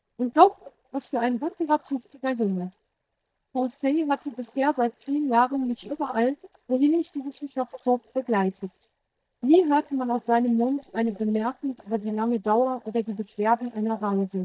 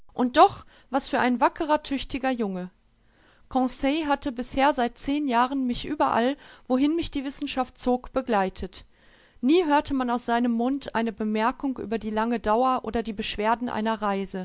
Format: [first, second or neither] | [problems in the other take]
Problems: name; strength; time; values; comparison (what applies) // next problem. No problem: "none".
second | noise reduction (neural mask model DeepFilterNet 3)